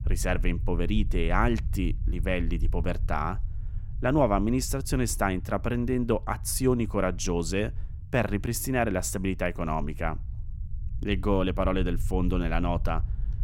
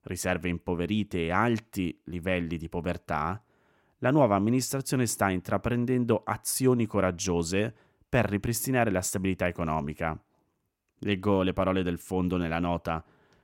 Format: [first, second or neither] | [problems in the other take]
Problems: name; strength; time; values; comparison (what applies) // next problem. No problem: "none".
second | low rumble; faint; throughout; 25 dB below the speech